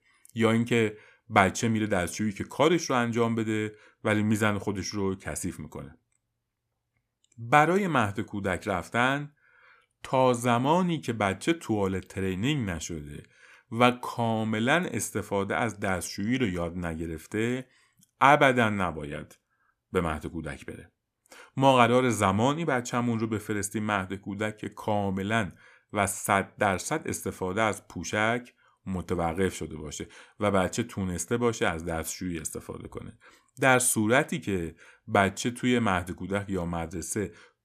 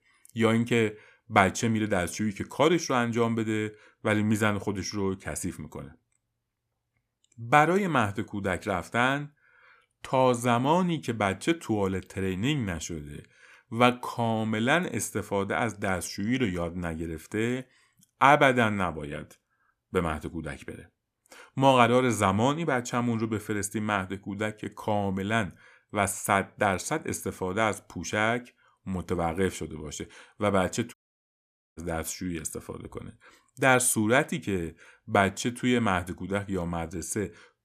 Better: first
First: none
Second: audio cutting out; at 31 s for 1 s

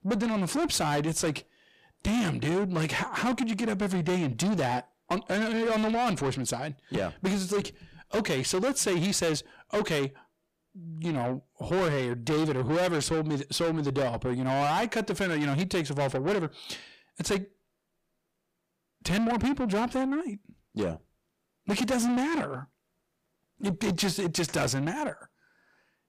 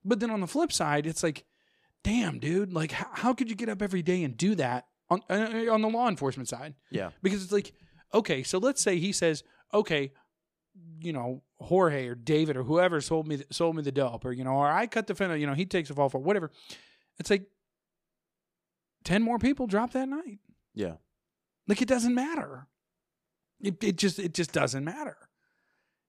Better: second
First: distortion; heavy; 6 dB below the speech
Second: none

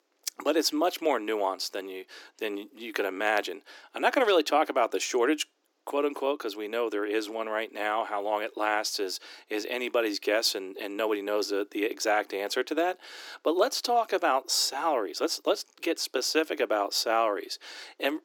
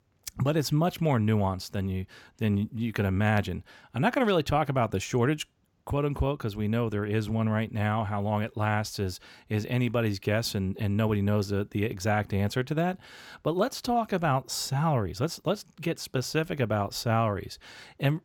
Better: second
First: thin; very; fading below 300 Hz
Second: none

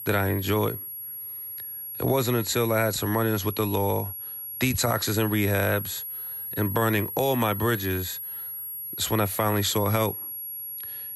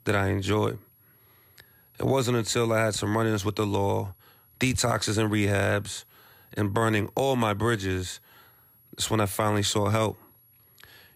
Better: second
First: high-pitched whine; loud; throughout; 11.5 kHz, 7 dB below the speech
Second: high-pitched whine; faint; throughout; 11.5 kHz, 30 dB below the speech

